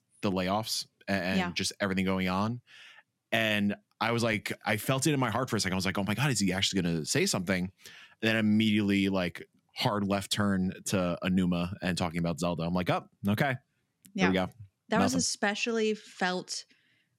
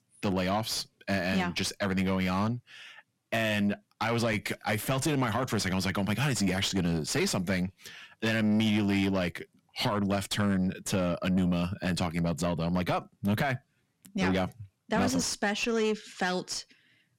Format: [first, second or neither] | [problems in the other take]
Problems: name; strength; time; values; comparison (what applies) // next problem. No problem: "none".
first | distortion; slight; 10 dB below the speech